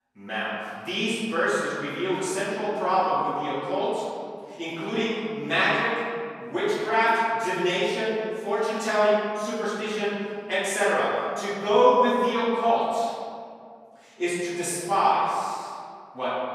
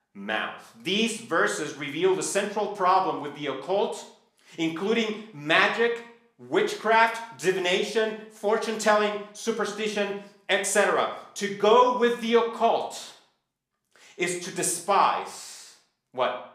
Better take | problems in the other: second | room echo; strong; dies away in 2.1 s; slight in the second // off-mic speech; far; somewhat distant in the second

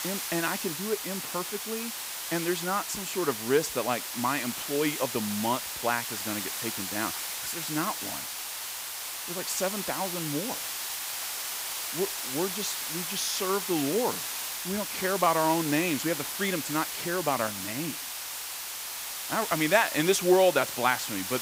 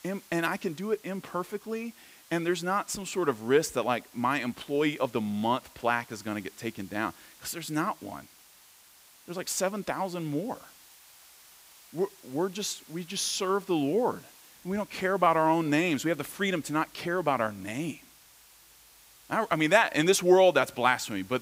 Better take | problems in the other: second | hiss; loud; throughout; 3 dB below the speech; faint in the second

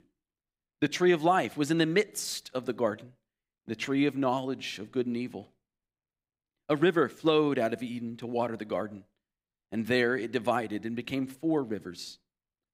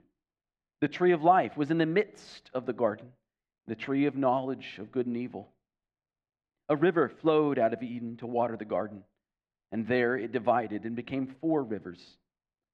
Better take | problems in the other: first | muffled; very; fading above 2.5 kHz

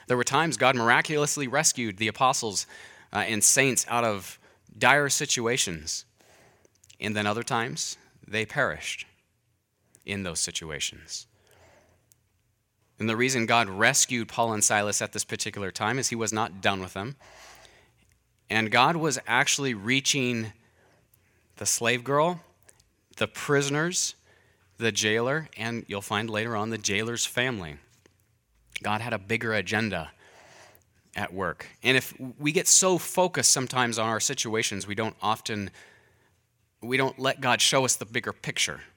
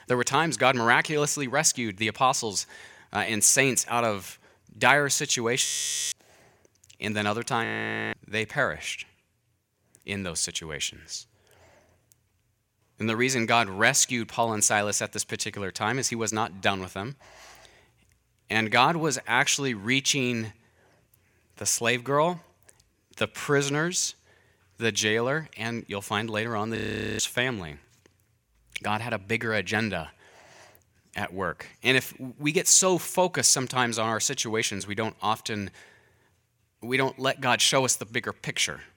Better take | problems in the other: first | audio freezing; at 5.5 s, at 7.5 s and at 27 s

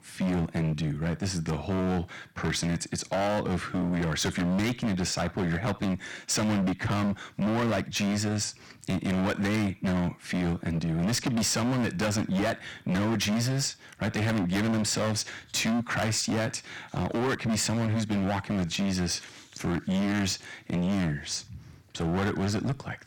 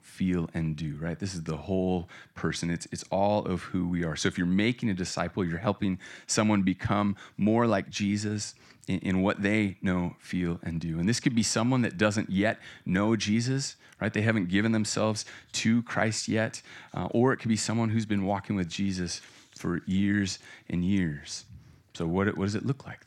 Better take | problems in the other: second | distortion; heavy; 25% of the sound clipped

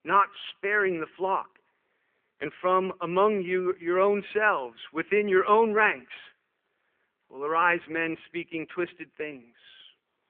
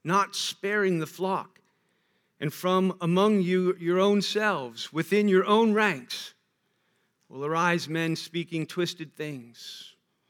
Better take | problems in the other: second | phone-call audio

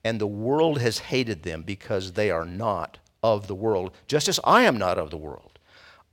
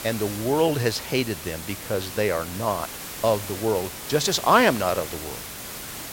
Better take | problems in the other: first | hiss; loud; throughout; 10 dB below the speech

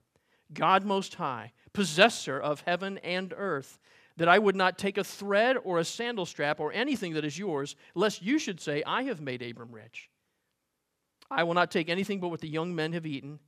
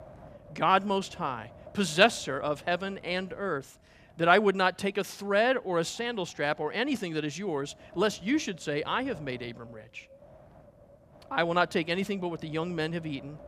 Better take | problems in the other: first | wind noise on the microphone; occasional gusts; 25 dB below the speech

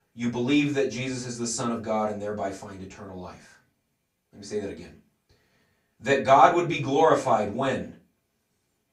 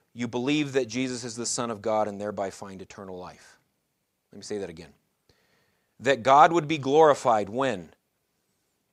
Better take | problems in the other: second | off-mic speech; far // room echo; very slight; dies away in 0.3 s

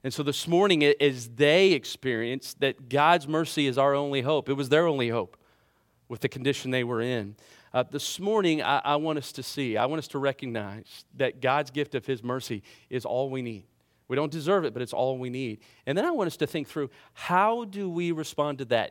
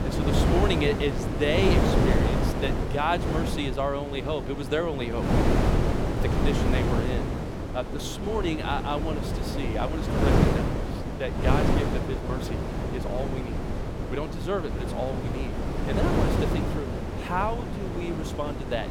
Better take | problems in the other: first | wind noise on the microphone; heavy; 1 dB below the speech

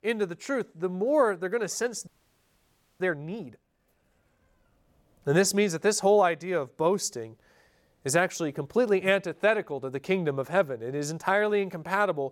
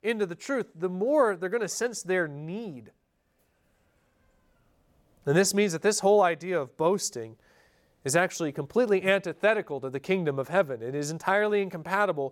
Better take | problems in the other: second | audio freezing; at 2 s for 1 s

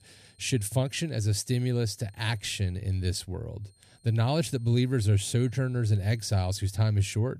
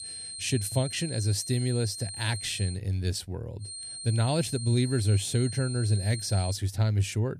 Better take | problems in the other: first | high-pitched whine; loud; until 2.5 s and from 3.5 to 6.5 s; 8.5 kHz, 8 dB below the speech; faint in the first

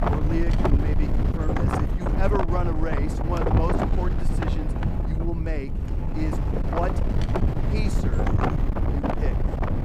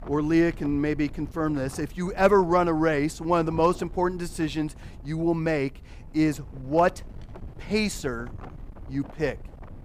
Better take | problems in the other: second | wind noise on the microphone; heavy; 2 dB above the speech; occasional gusts in the second

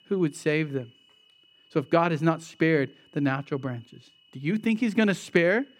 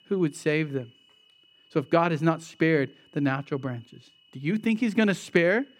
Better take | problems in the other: neither | high-pitched whine; faint; throughout; 3 kHz, 30 dB below the speech; the same in both

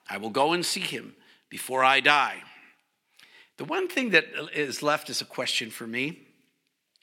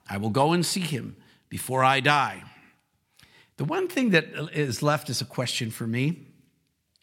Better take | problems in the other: second | thin; somewhat; fading below 350 Hz

